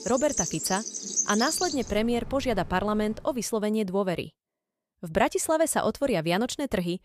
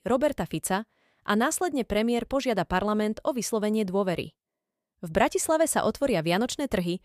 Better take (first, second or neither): second